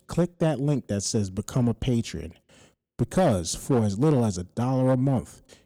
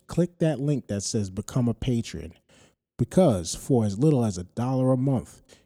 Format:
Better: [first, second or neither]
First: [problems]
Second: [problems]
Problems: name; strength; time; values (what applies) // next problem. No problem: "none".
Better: second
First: distortion; slight; 7% of the sound clipped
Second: none